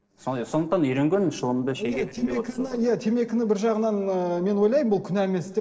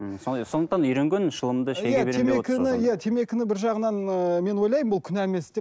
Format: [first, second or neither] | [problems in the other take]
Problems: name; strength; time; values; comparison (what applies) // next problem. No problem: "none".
second | noise reduction (neural separator model SepFormer DNS4)